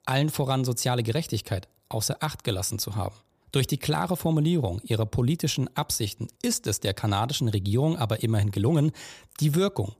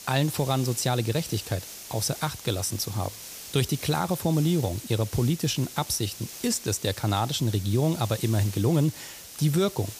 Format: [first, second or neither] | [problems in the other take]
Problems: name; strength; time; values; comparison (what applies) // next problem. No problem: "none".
first | hiss; noticeable; throughout; 10 dB below the speech